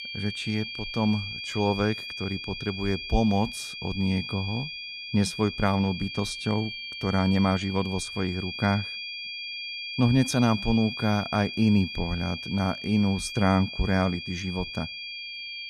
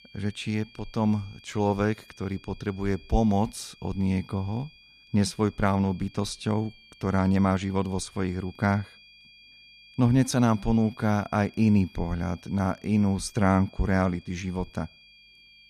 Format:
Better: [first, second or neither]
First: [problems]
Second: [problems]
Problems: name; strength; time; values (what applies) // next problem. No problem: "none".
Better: second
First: high-pitched whine; loud; throughout; 2.5 kHz, 7 dB below the speech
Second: high-pitched whine; faint; throughout; 2.5 kHz, 25 dB below the speech